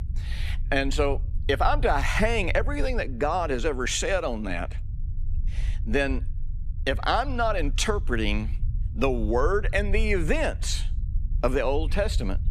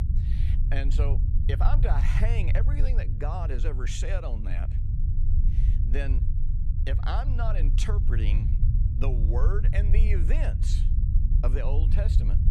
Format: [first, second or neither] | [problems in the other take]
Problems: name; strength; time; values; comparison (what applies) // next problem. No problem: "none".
first | low rumble; loud; throughout; 6 dB below the speech; faint in the first